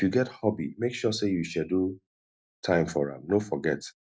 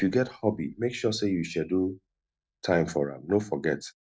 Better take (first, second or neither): first